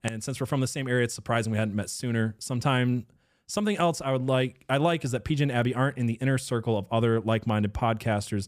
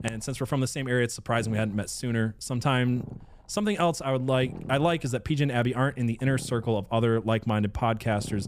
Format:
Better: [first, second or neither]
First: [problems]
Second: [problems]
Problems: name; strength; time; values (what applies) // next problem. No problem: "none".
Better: first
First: none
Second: low rumble; faint; throughout; 20 dB below the speech